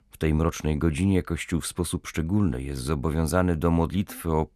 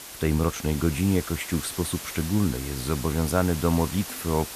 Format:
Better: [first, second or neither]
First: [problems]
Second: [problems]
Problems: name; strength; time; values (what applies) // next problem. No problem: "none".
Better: first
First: none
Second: hiss; loud; throughout; 9 dB below the speech